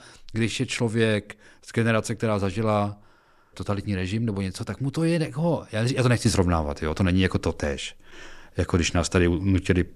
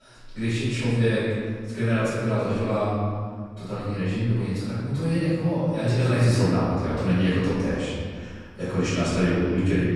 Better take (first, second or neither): first